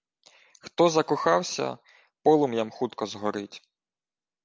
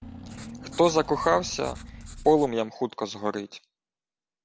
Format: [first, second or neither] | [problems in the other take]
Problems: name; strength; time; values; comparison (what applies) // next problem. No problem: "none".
first | background sound (Engine / Car + Writing); 14 dB below the speech